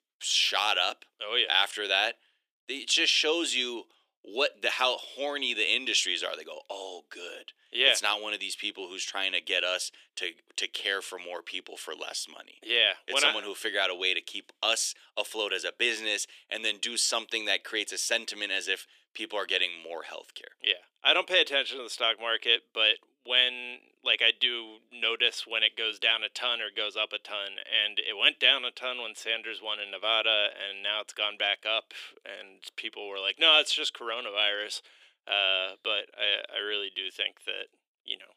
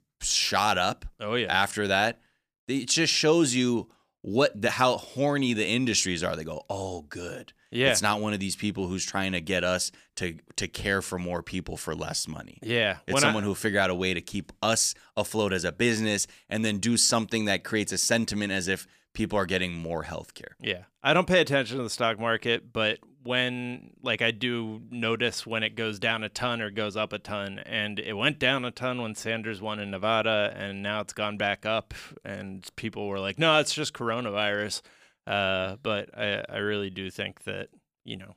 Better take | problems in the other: second | thin; very; fading below 350 Hz

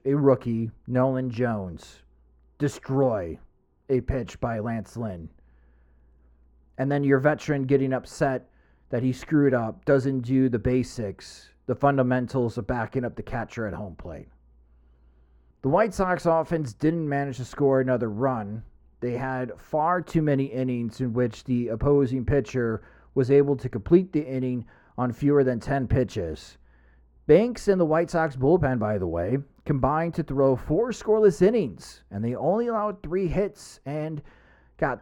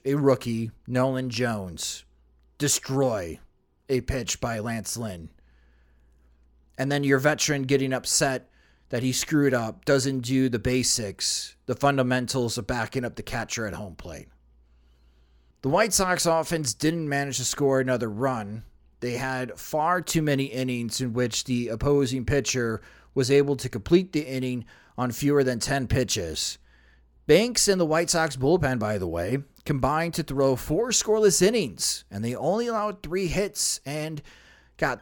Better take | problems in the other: second | muffled; very; fading above 2.5 kHz

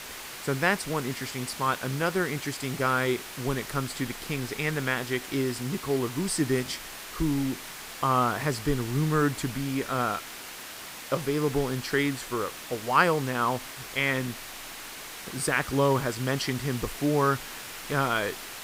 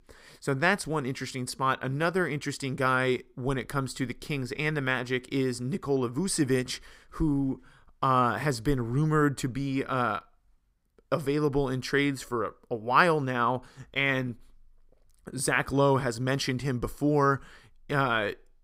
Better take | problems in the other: second | hiss; noticeable; throughout; 10 dB below the speech

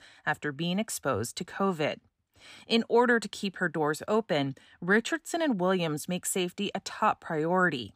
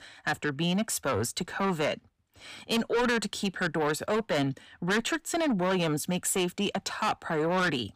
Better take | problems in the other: first | distortion; heavy; 7 dB below the speech

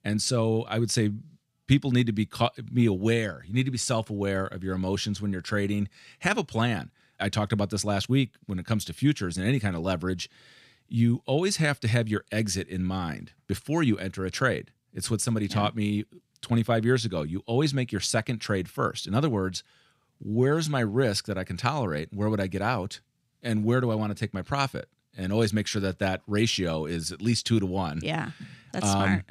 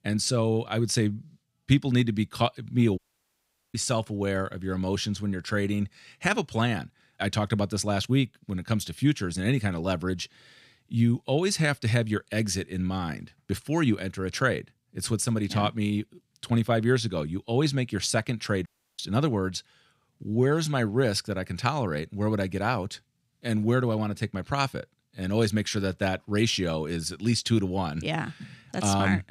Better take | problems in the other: first | audio cutting out; at 3 s for 1 s and at 19 s

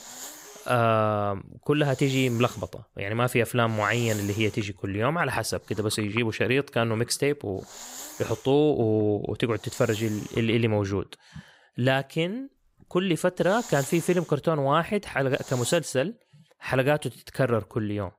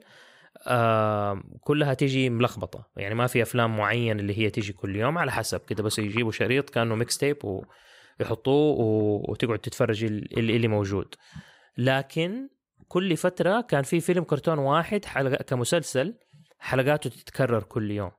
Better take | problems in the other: second | hiss; noticeable; until 6 s, from 7 to 11 s and from 13 to 16 s; 15 dB below the speech

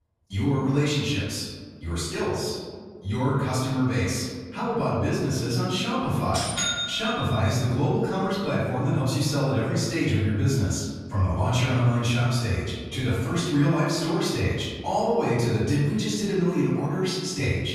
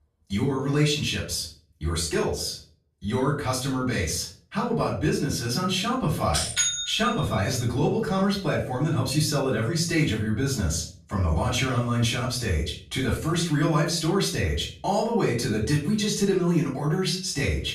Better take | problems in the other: second | room echo; strong; dies away in 1.6 s; slight in the second // off-mic speech; far; far in the second

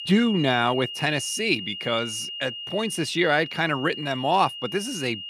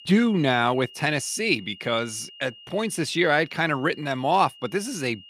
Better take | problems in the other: second | high-pitched whine; loud; throughout; 3 kHz, 8 dB below the speech; faint in the second

